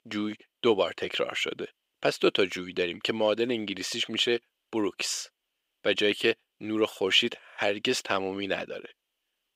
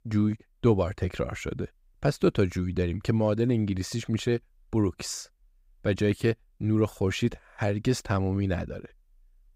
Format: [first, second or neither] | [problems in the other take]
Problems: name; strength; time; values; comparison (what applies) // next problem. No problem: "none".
second | thin; somewhat; fading below 400 Hz